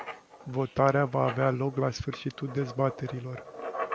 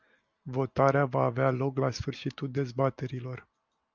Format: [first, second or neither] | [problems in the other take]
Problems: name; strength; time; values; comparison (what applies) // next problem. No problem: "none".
second | background sound (Writing); 11 dB below the speech